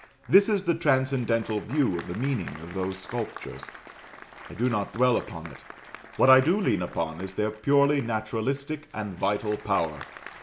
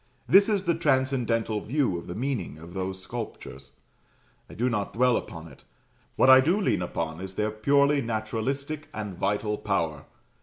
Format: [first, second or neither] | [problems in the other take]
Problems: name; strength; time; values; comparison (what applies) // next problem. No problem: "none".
second | background sound (Applause); 19 dB below the speech